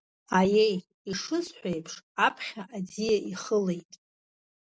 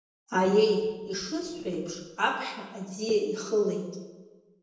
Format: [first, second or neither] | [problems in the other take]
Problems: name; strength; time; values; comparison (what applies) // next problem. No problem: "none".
first | noise reduction (neural separator model SepFormer DNS4)